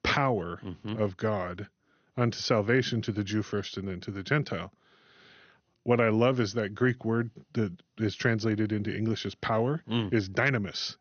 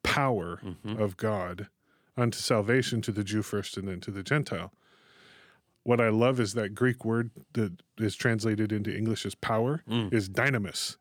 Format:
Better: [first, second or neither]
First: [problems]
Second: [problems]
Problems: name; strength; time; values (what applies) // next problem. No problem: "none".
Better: second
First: garbled, watery; slightly; nothing above 6.5 kHz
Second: none